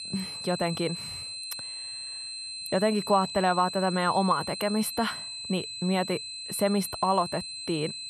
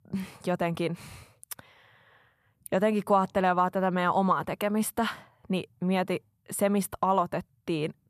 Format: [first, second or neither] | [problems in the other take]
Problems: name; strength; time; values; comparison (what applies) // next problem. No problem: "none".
second | high-pitched whine; loud; throughout; 4 kHz, 7 dB below the speech